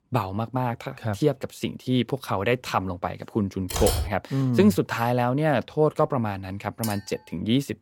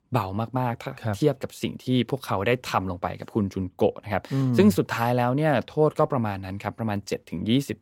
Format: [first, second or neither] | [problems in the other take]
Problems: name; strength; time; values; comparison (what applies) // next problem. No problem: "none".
second | keyboard typing; noticeable; at 3.5 s; peak 1 dB below the speech // clattering dishes; faint; at 7 s; peak 10 dB below the speech